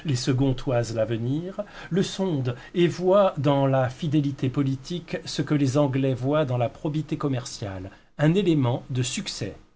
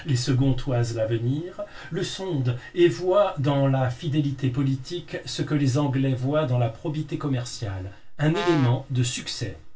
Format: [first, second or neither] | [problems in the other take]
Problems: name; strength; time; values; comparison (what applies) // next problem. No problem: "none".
first | background sound (Brass instrument); 10 dB below the speech // room echo; dies away in 0.2 s